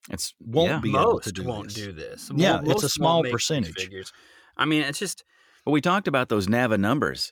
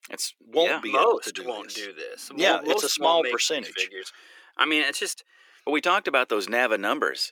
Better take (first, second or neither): first